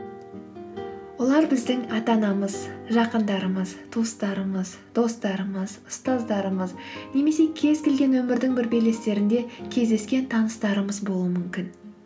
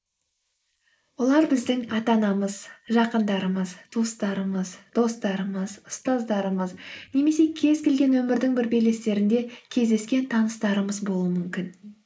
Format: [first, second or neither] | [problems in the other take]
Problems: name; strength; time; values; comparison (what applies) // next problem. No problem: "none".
first | noise reduction (neural mask model Resemble Enhance denoiser)